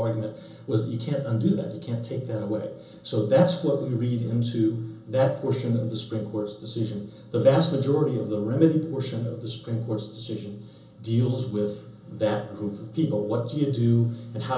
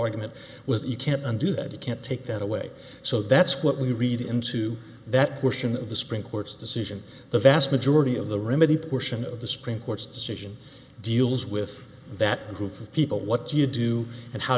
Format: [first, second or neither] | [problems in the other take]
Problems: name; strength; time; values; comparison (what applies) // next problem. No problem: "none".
second | room echo; dies away in 0.6 s